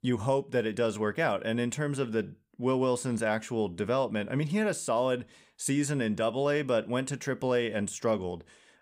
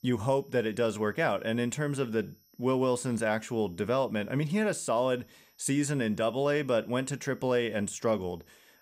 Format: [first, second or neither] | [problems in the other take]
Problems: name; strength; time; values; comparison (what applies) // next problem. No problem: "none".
first | high-pitched whine; faint; throughout; 5.5 kHz, 35 dB below the speech